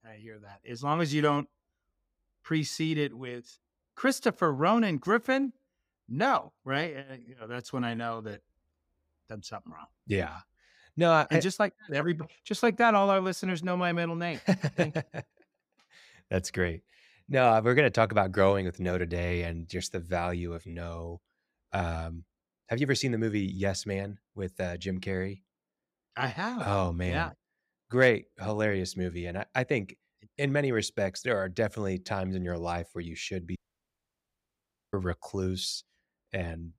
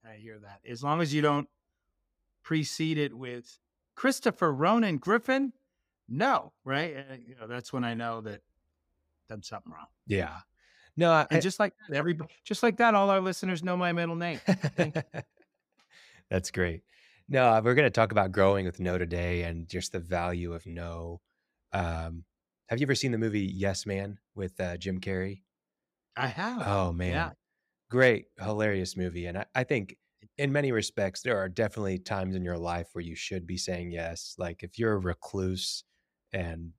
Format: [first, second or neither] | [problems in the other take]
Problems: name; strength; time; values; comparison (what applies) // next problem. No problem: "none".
second | audio cutting out; at 34 s for 1.5 s